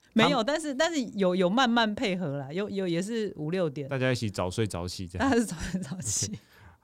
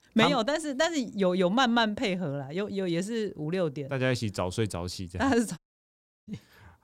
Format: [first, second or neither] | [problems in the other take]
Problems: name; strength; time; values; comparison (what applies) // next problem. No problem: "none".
first | audio cutting out; at 5.5 s for 0.5 s